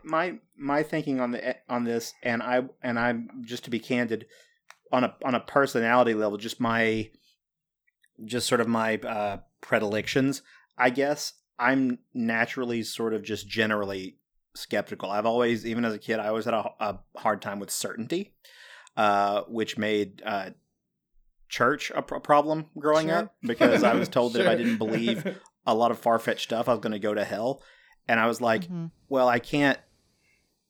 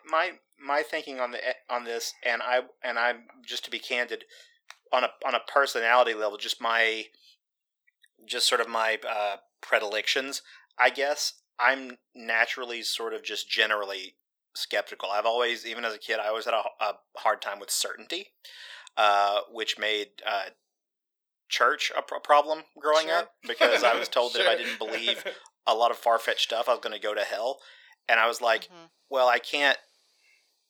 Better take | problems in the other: first | thin; very; fading below 500 Hz

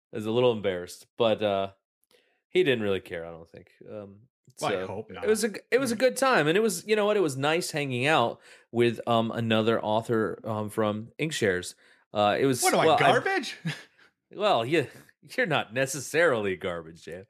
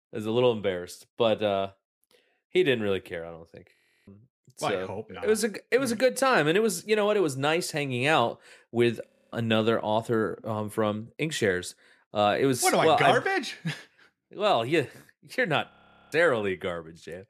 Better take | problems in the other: first | audio freezing; at 3.5 s, at 9 s and at 16 s

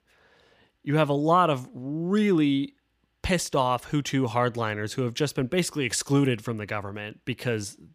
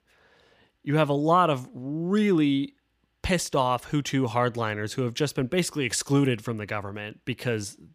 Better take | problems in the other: neither | none

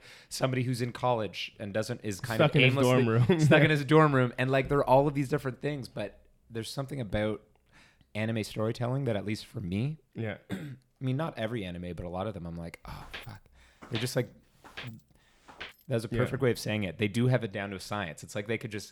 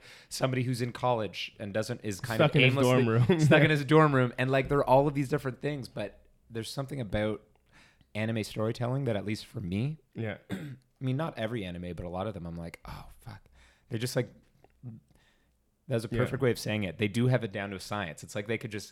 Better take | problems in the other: second | footsteps; faint; from 13 to 16 s; peak 10 dB below the speech

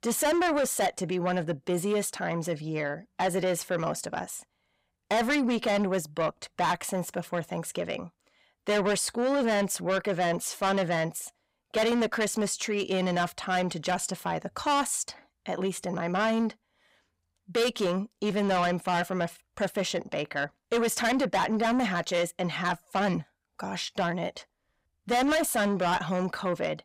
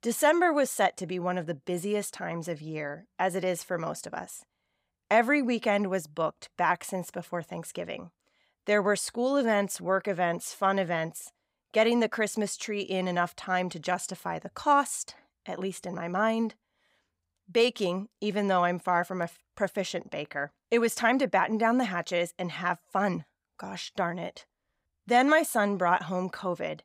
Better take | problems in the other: second | distortion; heavy; 7 dB below the speech

